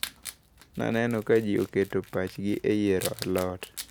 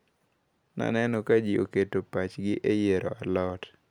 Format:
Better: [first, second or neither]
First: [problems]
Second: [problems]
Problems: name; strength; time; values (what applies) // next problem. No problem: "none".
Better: second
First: background sound (Wild animals); 14 dB below the speech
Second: none